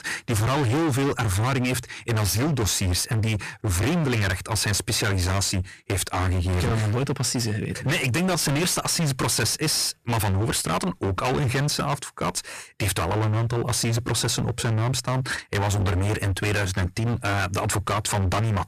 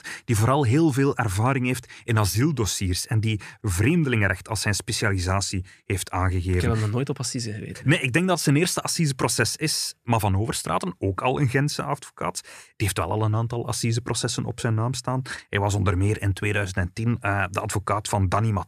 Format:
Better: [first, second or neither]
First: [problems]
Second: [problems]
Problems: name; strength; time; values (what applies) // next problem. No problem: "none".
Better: second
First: distortion; heavy; 38% of the sound clipped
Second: none